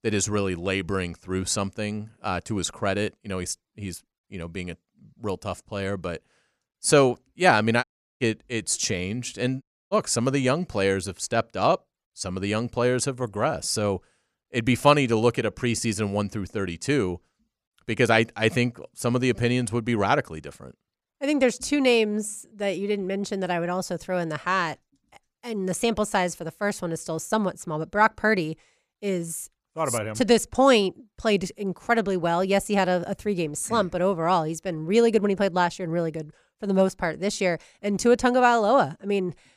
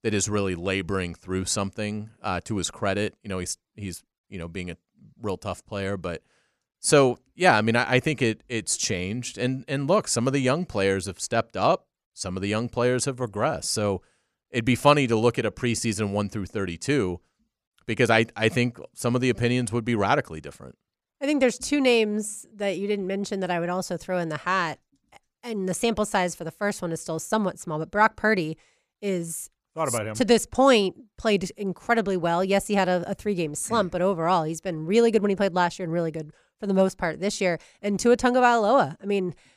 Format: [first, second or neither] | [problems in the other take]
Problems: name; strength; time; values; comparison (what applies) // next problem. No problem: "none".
second | audio cutting out; at 8 s and at 9.5 s